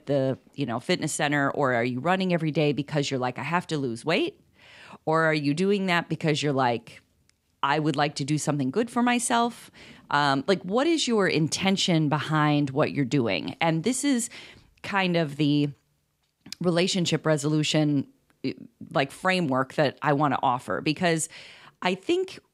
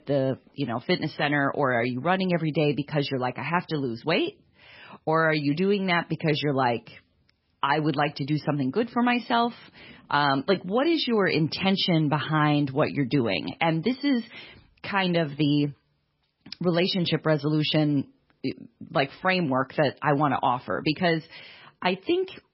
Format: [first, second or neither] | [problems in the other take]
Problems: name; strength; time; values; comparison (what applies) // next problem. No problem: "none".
first | garbled, watery; badly; nothing above 5.5 kHz